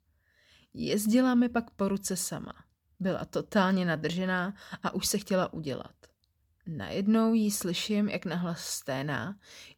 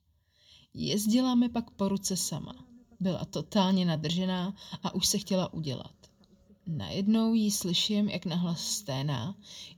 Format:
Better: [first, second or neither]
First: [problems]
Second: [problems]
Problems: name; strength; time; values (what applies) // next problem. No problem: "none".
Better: first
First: none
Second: room echo; slight; dies away in 3 s